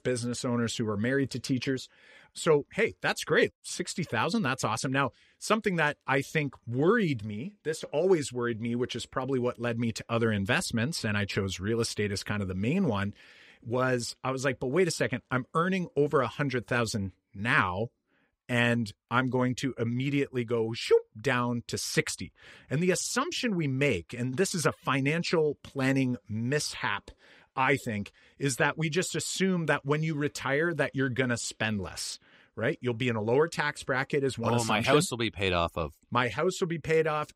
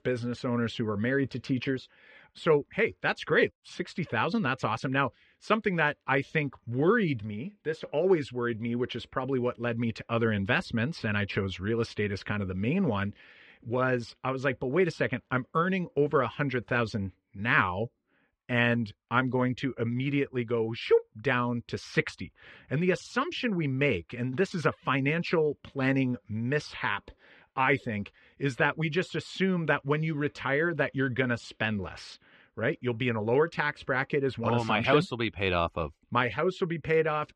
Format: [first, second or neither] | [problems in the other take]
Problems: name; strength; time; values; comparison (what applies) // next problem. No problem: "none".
first | muffled; slightly; fading above 2.5 kHz